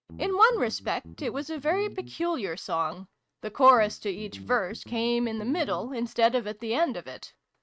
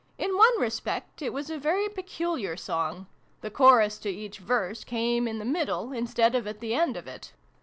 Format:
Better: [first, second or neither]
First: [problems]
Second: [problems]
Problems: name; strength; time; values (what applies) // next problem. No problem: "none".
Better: second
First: noise reduction (neural mask model RNNoise)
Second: none